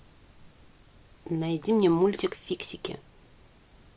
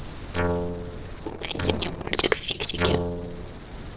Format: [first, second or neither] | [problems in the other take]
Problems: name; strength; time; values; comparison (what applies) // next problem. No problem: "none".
first | noise reduction (neural separator model SepFormer DNS4)